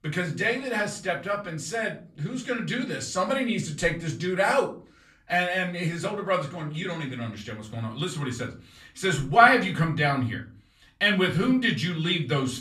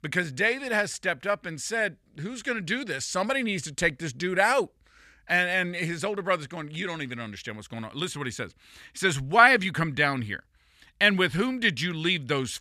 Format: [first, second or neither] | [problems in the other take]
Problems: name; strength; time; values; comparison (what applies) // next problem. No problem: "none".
second | off-mic speech; far // room echo; slight; dies away in 0.4 s